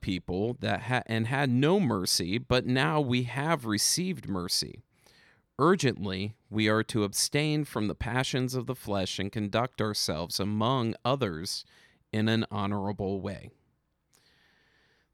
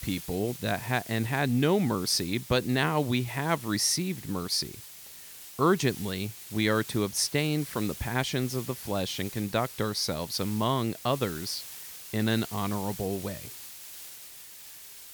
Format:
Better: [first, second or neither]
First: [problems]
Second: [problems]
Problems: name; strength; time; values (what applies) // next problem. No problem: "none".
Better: first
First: none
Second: hiss; noticeable; throughout; 15 dB below the speech